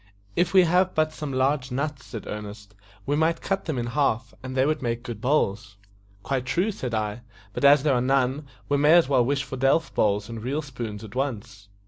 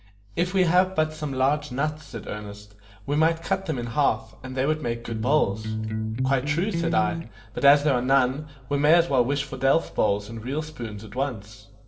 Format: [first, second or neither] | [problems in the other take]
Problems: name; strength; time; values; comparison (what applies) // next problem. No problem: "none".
first | background sound (Electric guitar); 3 dB below the speech // room echo; dies away in 0.7 s